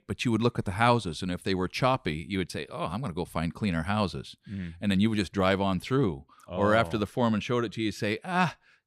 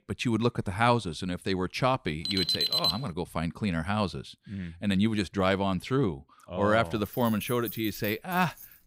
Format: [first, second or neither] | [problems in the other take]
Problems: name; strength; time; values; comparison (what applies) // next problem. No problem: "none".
first | alarm; loud; at 2.5 s; peak 4 dB above the speech // jangling keys; faint; from 7 s on; peak 10 dB below the speech